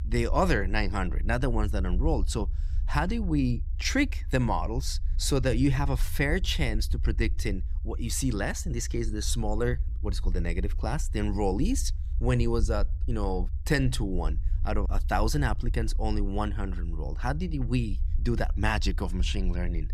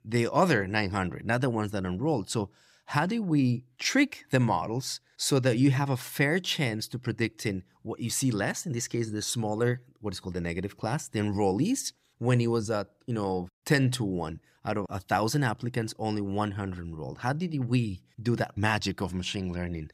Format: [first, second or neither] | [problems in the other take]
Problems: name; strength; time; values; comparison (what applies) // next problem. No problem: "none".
second | low rumble; faint; throughout; 20 dB below the speech